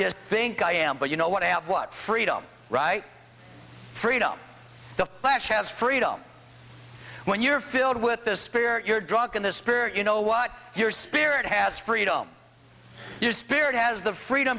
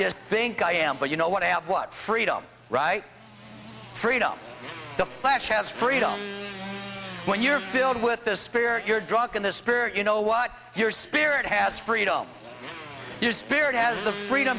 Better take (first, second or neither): first